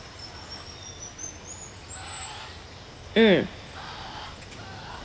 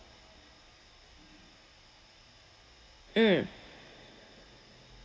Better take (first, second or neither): second